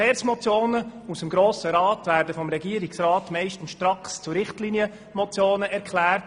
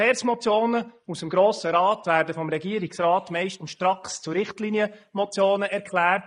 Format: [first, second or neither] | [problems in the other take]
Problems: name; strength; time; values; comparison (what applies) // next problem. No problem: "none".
first | noise reduction (neural mask model Resemble Enhance denoiser)